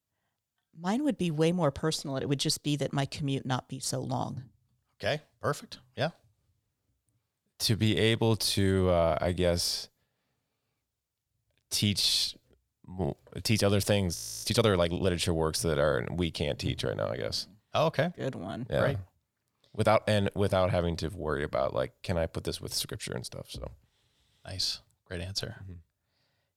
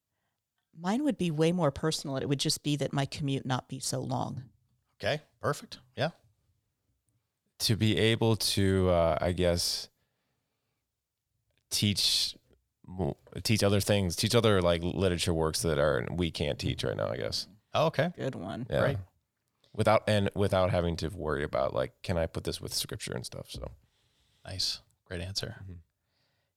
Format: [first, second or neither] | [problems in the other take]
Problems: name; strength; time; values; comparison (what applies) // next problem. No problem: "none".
second | audio freezing; at 14 s